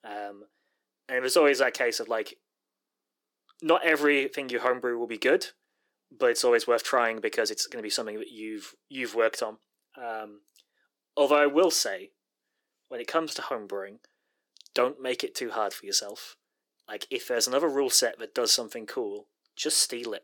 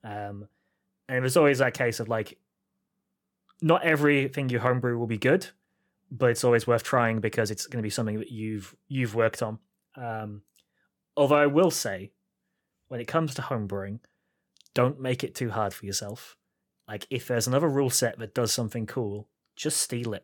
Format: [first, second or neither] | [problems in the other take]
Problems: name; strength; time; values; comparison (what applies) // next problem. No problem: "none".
second | thin; somewhat; fading below 350 Hz